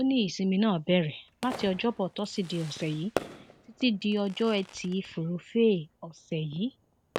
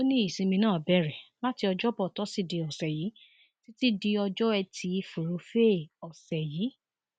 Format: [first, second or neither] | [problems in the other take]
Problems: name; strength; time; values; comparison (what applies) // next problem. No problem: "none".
second | background sound (Fireworks); 15 dB below the speech